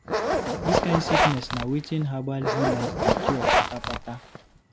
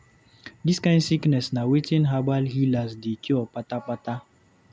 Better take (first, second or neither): second